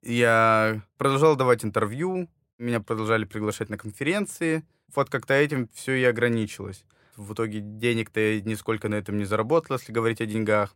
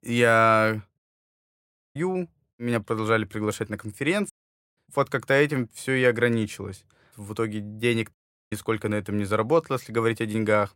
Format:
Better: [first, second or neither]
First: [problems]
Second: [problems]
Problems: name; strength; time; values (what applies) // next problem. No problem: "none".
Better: first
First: none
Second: audio cutting out; at 1 s for 1 s, at 4.5 s and at 8 s